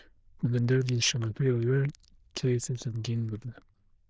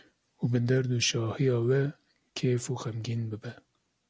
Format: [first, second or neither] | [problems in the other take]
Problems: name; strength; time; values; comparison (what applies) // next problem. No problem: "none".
second | noise reduction (neural diffusion model UNIVERSE++)